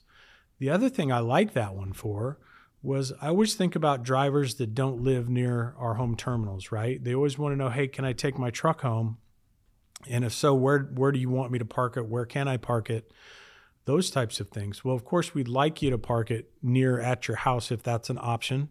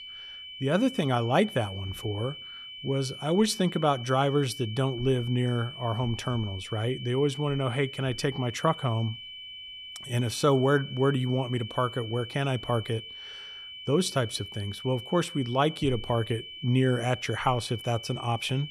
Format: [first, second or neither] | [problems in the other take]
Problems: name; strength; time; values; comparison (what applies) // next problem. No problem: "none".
first | high-pitched whine; noticeable; throughout; 3 kHz, 10 dB below the speech